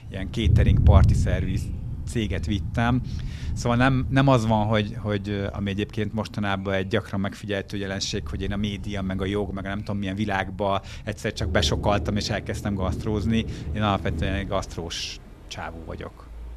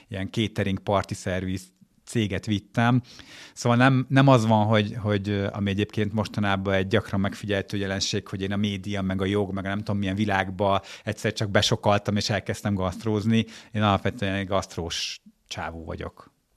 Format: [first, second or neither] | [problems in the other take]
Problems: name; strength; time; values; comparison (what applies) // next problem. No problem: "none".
second | rain or running water; loud; throughout; 2 dB below the speech